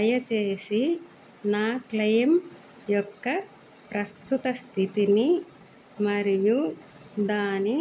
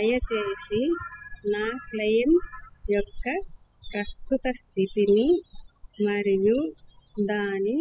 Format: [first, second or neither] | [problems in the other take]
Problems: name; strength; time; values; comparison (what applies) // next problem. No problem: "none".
first | noise reduction (classical method spectral subtraction)